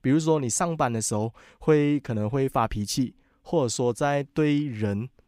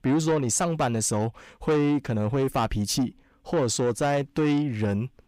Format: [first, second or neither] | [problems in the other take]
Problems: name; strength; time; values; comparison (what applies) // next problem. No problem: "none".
first | distortion; slight; 10 dB below the speech